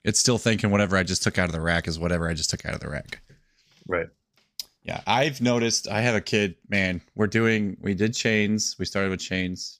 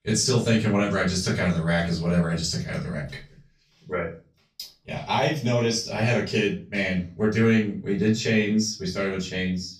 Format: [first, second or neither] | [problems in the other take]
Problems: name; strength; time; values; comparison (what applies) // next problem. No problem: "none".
first | off-mic speech; far // room echo; slight; dies away in 0.3 s